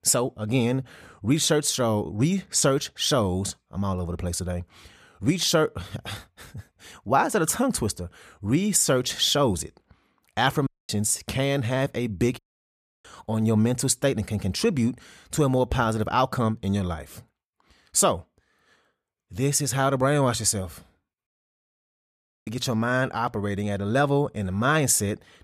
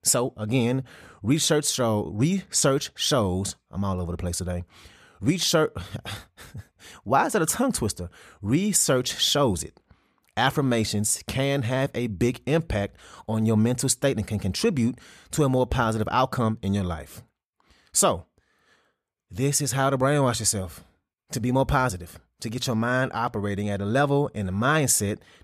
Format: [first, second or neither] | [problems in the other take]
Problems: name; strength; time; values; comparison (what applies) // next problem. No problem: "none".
second | audio cutting out; at 11 s, at 12 s for 0.5 s and at 21 s for 1 s